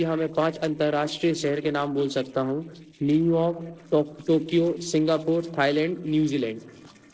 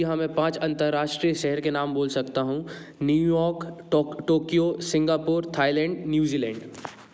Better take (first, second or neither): second